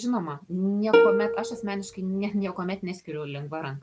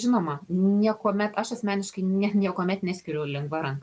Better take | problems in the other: second | background sound (Plucked string instrument); 4 dB above the speech

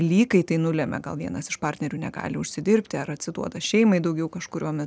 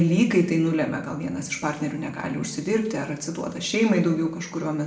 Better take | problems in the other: first | room echo; dies away in 0.8 s

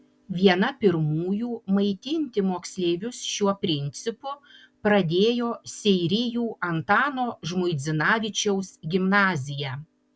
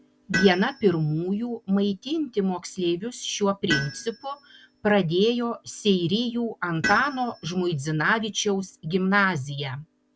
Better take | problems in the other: first | background sound (Tools); 12 dB below the speech

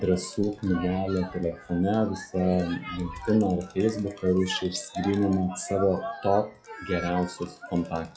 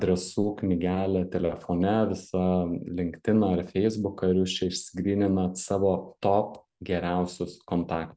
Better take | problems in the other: second | noise reduction (classical method log-MMSE)

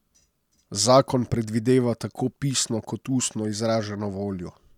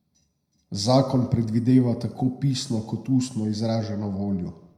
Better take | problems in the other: first | room echo; dies away in 0.7 s

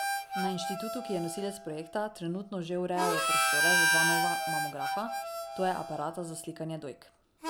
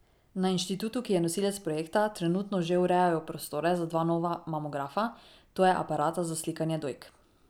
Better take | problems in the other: second | background sound (Harmonica); 4 dB above the speech

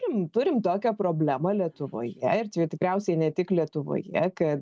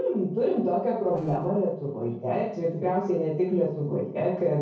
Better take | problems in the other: first | noise reduction (neural separator model SepFormer DNS4)

